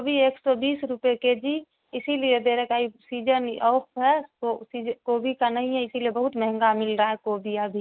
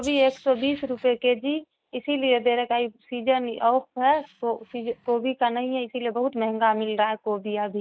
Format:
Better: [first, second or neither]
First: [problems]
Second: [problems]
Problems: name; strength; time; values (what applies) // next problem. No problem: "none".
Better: first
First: none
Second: noise reduction (neural mask model DeepFilterNet 3)